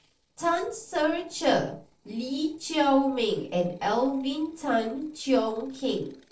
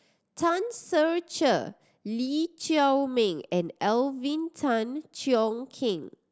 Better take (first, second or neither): second